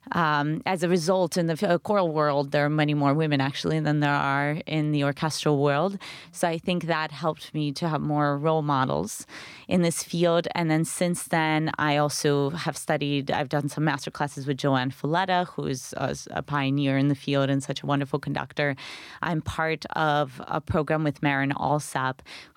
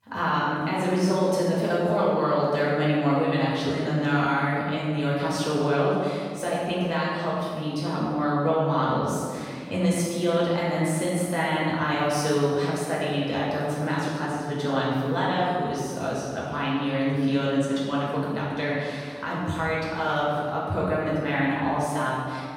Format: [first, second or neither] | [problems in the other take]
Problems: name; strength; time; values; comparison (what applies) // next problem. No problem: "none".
first | room echo; strong; dies away in 1.7 s // off-mic speech; far